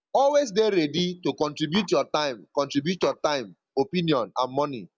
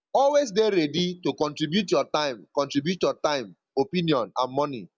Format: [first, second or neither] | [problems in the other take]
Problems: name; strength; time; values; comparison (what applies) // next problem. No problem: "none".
second | background sound (Tap); 15 dB below the speech